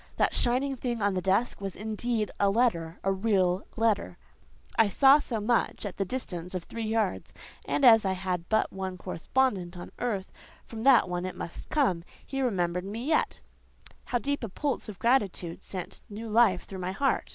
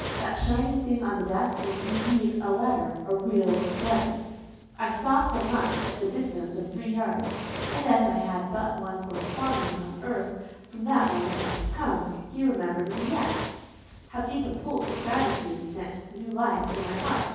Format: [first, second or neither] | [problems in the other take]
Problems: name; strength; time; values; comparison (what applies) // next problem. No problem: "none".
first | background sound (Fire); 10 dB below the speech // room echo; dies away in 1.3 s